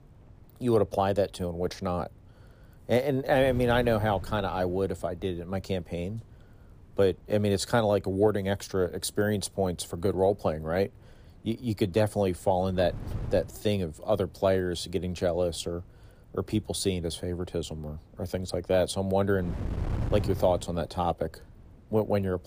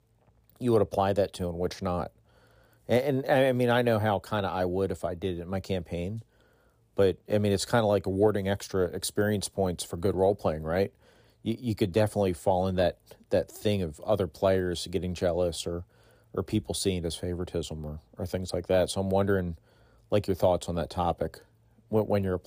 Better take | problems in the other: second | wind noise on the microphone; occasional gusts; 20 dB below the speech

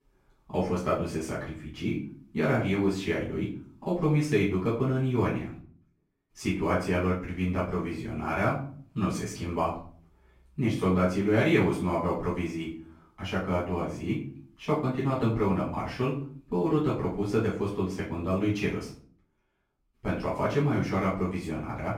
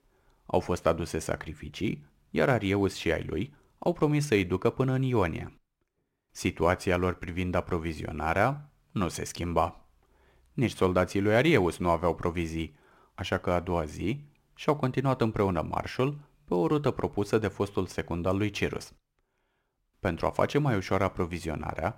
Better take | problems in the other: second | off-mic speech; far // room echo; noticeable; dies away in 0.4 s

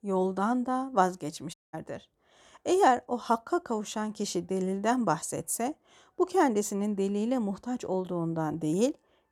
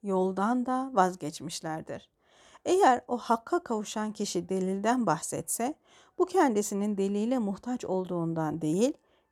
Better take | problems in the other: second | audio cutting out; at 1.5 s

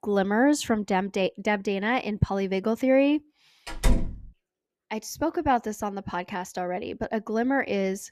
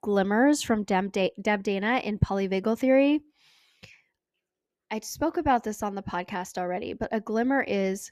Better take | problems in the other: second | door banging; noticeable; at 3.5 s; peak 1 dB below the speech

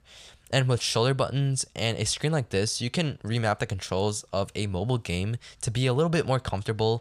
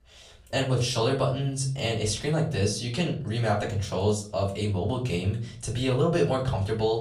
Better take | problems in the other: first | off-mic speech; far // room echo; slight; dies away in 0.4 s

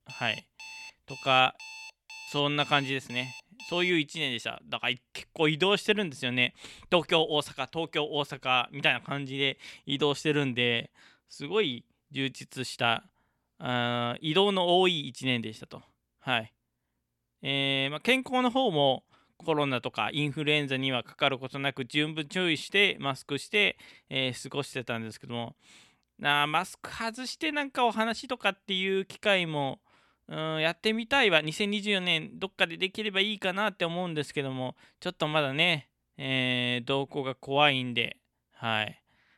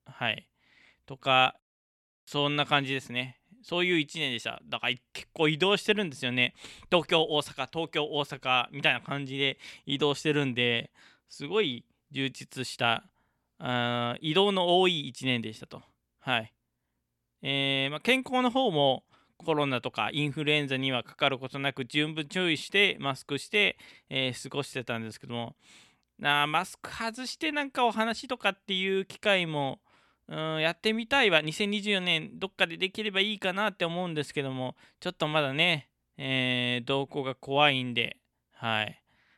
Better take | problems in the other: second | alarm; faint; until 4 s; peak 15 dB below the speech

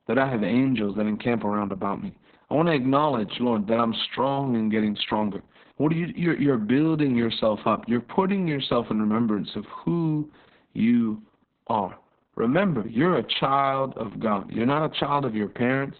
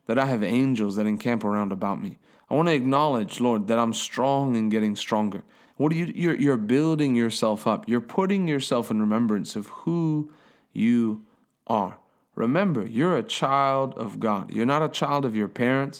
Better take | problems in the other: second | garbled, watery; badly; nothing above 4 kHz; slightly in the second

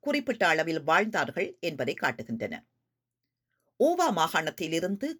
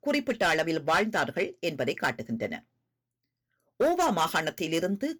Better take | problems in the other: first | distortion; slight; 4% of the sound clipped

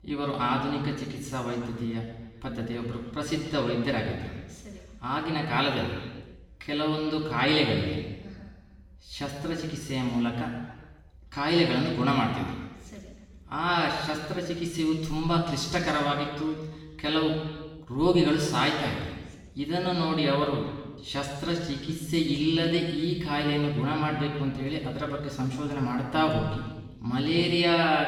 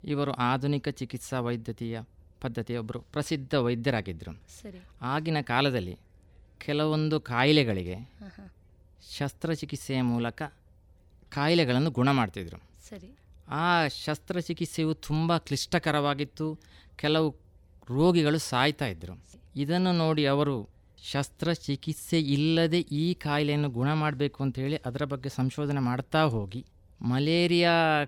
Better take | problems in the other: second | room echo; noticeable; dies away in 1.3 s // off-mic speech; far

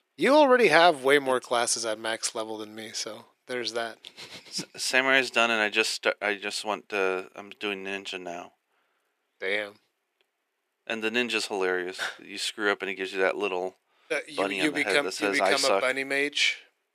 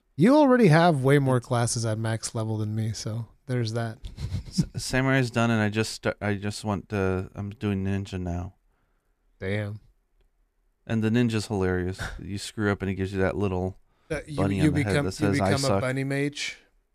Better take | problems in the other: second | thin; very; fading below 400 Hz

